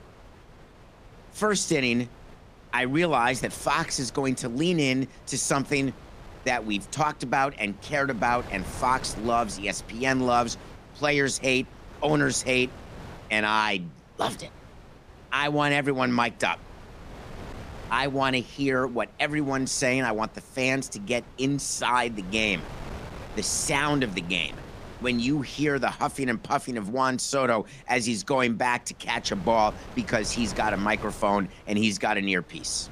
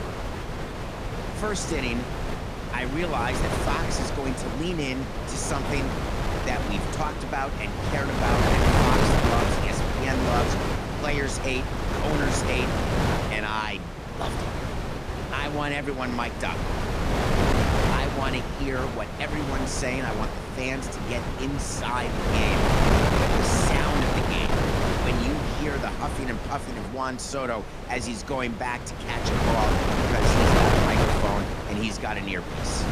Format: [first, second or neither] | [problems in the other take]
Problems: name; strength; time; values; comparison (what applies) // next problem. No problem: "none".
first | wind noise on the microphone; heavy; 2 dB above the speech; occasional gusts in the first